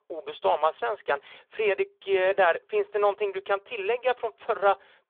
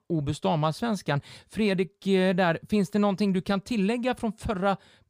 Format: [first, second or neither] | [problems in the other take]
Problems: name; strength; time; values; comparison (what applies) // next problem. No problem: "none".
second | phone-call audio; nothing above 3.5 kHz